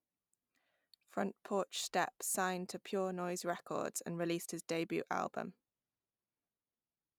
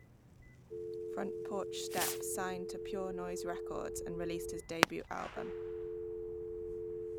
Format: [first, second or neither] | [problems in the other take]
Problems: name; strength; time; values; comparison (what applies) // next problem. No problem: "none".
first | background sound (Fireworks + Telephone); 4 dB above the speech